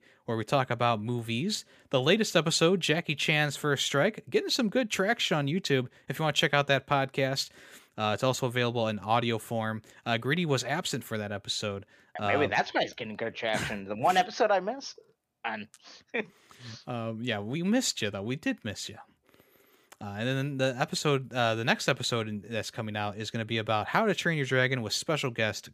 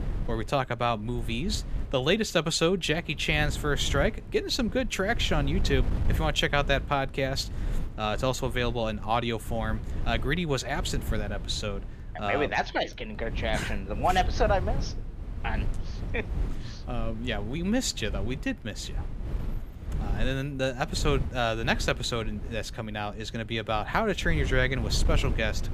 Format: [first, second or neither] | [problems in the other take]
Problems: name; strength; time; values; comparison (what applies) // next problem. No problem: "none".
first | wind noise on the microphone; occasional gusts; 20 dB below the speech